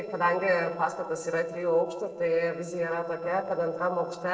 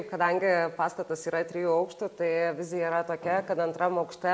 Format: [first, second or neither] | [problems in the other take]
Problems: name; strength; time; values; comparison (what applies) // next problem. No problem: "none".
second | noise reduction (neural separator model SepFormer DNS4)